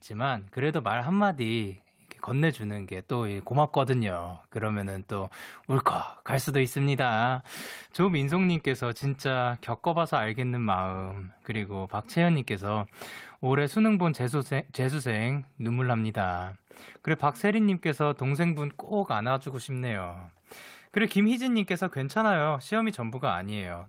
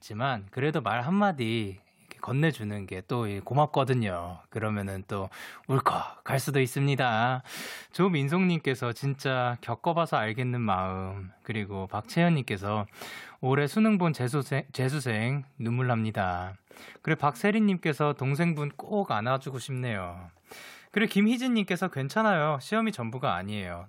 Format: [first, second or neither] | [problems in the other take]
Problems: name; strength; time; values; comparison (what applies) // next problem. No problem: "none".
second | garbled, watery; slightly; nothing above 16 kHz